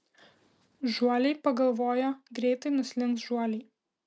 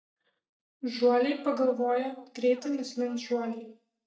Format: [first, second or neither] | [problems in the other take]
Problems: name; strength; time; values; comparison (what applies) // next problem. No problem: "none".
first | noise reduction (neural mask model DeepFilterNet 3)